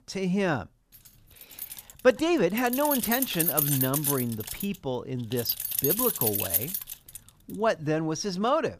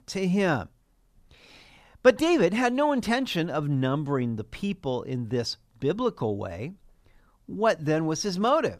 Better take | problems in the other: second | jangling keys; loud; from 1.5 to 7 s; peak 4 dB above the speech

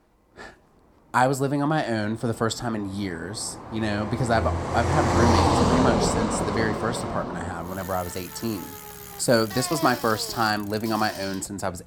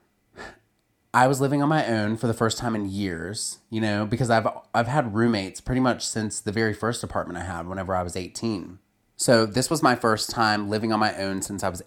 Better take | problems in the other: second | traffic noise; loud; throughout; 1 dB below the speech

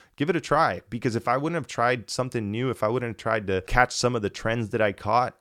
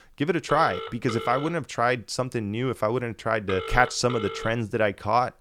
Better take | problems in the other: first | phone ringing; noticeable; until 4.5 s; peak 8 dB below the speech

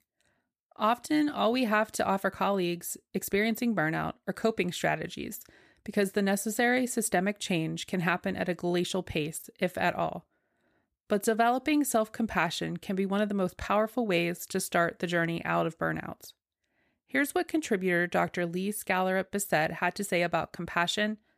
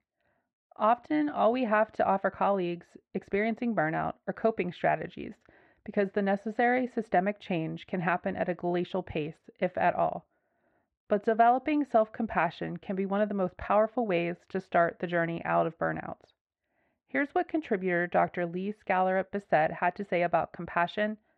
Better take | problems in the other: first | muffled; very; fading above 2.5 kHz

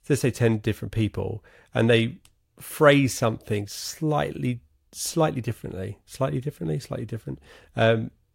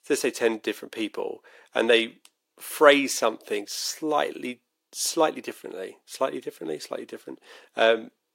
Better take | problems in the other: first | thin; somewhat; fading below 300 Hz

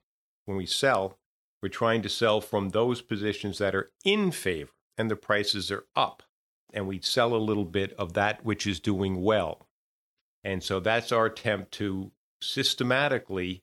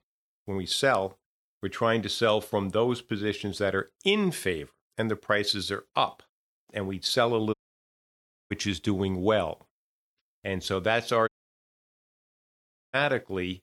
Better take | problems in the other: first | audio cutting out; at 7.5 s for 1 s and at 11 s for 1.5 s

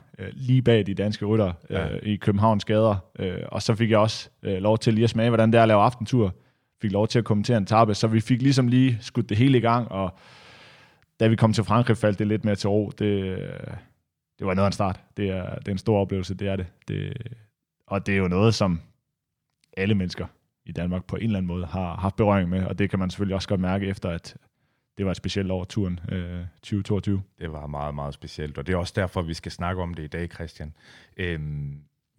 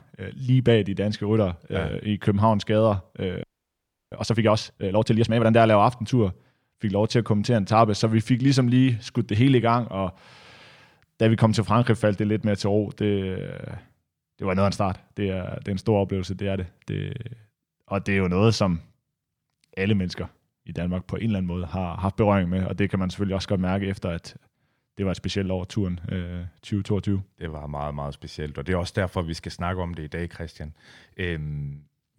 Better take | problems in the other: first | audio freezing; at 3.5 s for 0.5 s

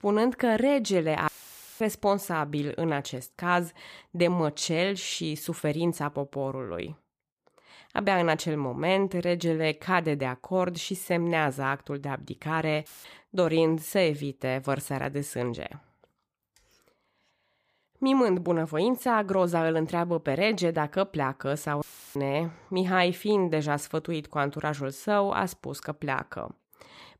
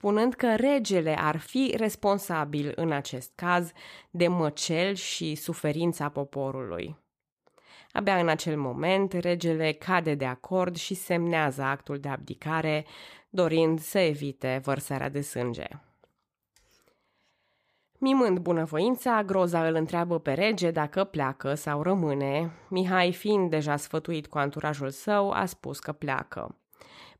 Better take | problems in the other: second | audio cutting out; filled with static; at 1.5 s for 0.5 s, at 13 s and at 22 s

